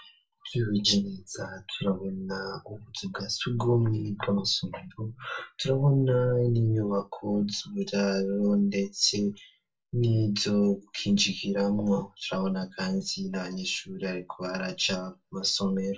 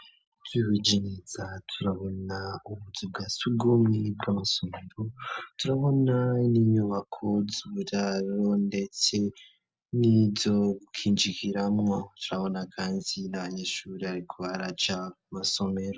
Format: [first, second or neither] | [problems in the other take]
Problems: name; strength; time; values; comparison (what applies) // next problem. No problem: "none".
second | room echo; dies away in 0.2 s